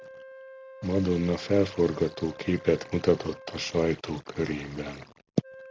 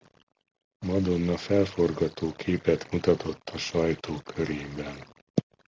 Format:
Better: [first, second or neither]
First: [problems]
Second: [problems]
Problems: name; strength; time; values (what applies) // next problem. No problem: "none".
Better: second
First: background sound (Wind instrument, woodwind instrument); 19 dB below the speech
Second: none